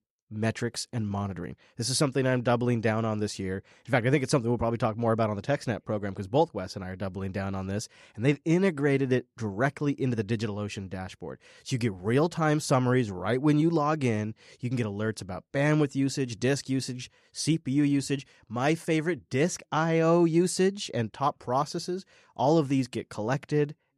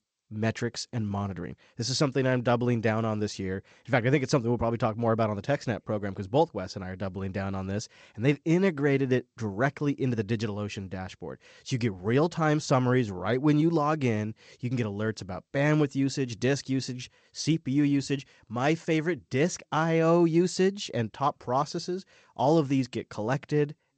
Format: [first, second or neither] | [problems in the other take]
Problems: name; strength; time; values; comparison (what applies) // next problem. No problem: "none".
first | garbled, watery; slightly; nothing above 8 kHz